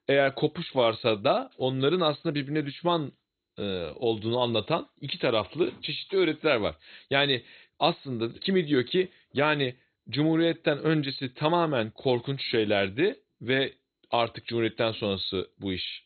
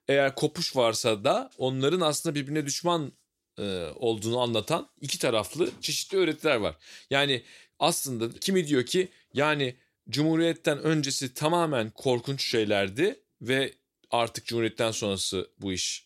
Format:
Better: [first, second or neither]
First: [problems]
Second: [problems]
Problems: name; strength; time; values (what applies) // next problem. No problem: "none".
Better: second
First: garbled, watery; badly; nothing above 4 kHz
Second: none